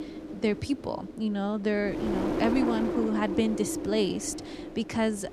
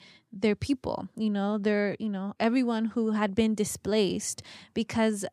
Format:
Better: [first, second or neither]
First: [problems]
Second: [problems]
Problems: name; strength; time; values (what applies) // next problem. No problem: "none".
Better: second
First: wind noise on the microphone; heavy; 3 dB below the speech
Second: none